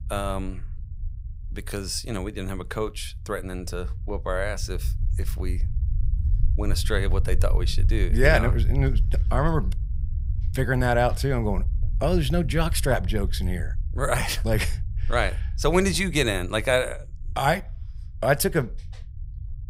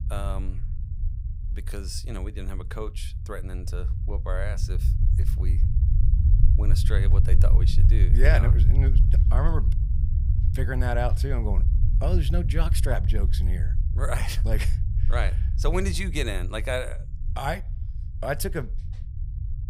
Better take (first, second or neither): first